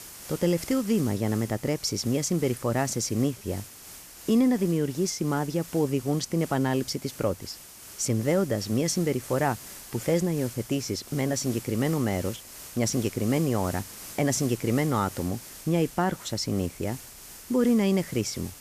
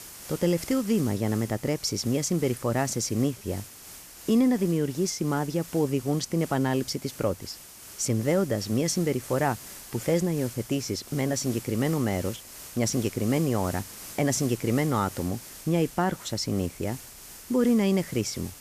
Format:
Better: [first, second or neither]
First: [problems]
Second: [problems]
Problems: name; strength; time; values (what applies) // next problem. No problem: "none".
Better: neither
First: hiss; noticeable; throughout; 15 dB below the speech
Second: hiss; noticeable; throughout; 15 dB below the speech